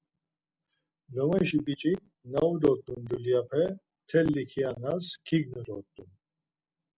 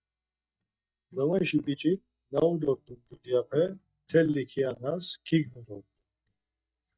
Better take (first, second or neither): first